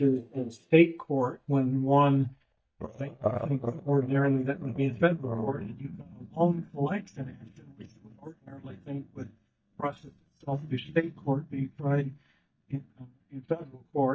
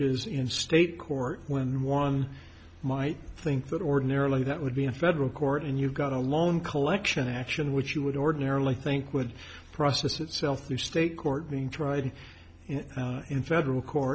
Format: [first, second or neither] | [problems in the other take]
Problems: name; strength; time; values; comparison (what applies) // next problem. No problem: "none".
second | noise reduction (neural mask model DeepFilterNet 3)